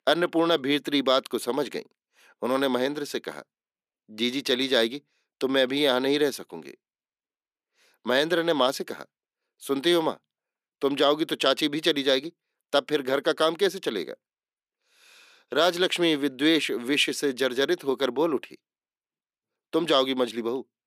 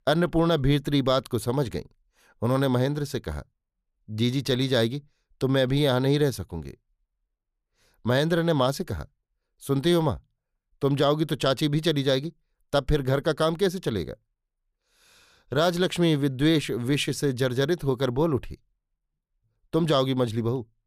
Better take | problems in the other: second | thin; very slightly; fading below 250 Hz

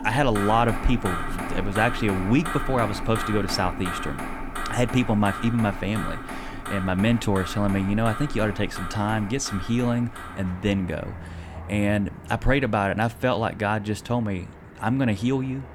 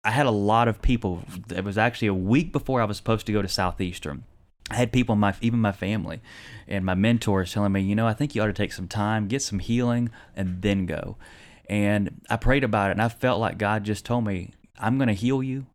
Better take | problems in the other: second | traffic noise; loud; throughout; 9 dB below the speech

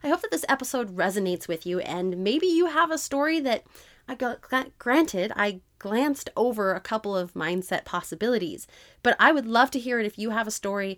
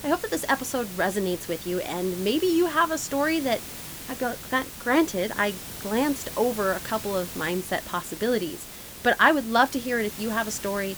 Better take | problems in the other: first | hiss; noticeable; throughout; 10 dB below the speech

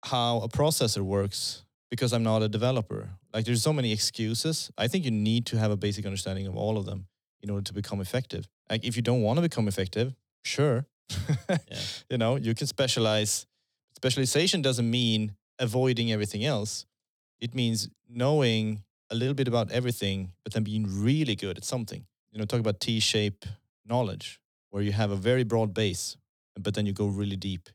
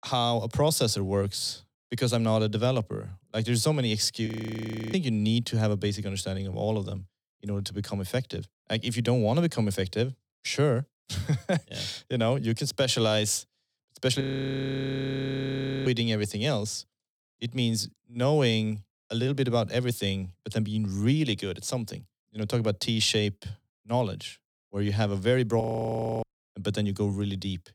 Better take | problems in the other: first | audio freezing; at 4.5 s for 0.5 s, at 14 s for 1.5 s and at 26 s for 0.5 s

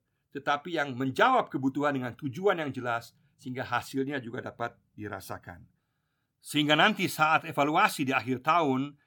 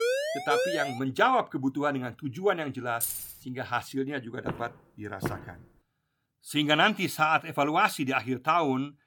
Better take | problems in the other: first | siren; noticeable; at the start; peak level with the speech // jangling keys; noticeable; at 3 s; peak 3 dB below the speech // footsteps; noticeable; at 4.5 s; peak 9 dB below the speech

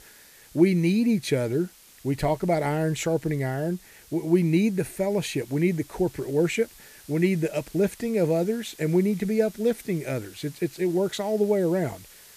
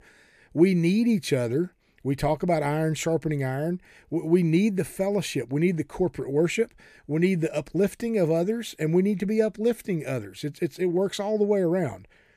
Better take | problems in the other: second | hiss; faint; throughout; 25 dB below the speech

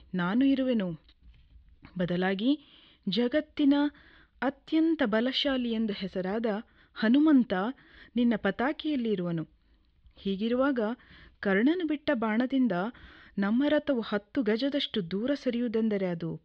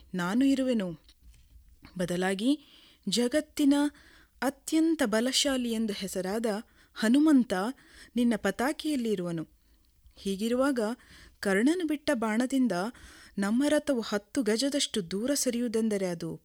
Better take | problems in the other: second | muffled; slightly; fading above 4 kHz

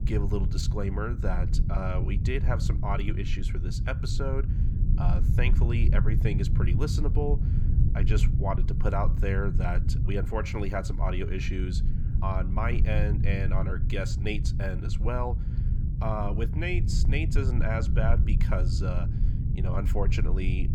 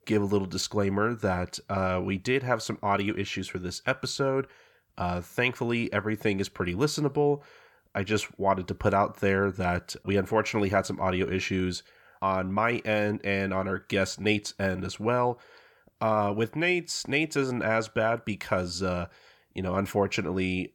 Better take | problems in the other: second | low rumble; loud; throughout; 7 dB below the speech

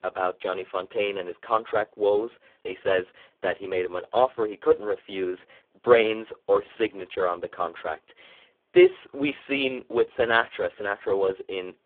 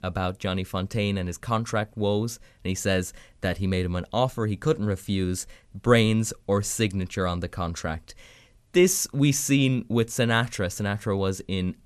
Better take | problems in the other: second | phone-call audio; poor line; nothing above 3.5 kHz

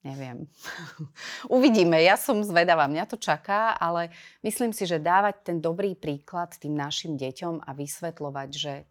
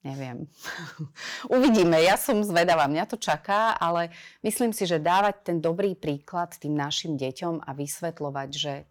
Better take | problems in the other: first | distortion; slight; 4% of the sound clipped

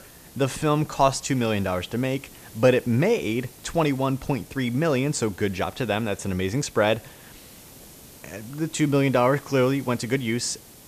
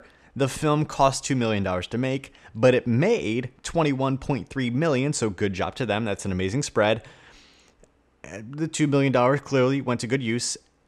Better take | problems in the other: second | hiss; faint; throughout; 20 dB below the speech

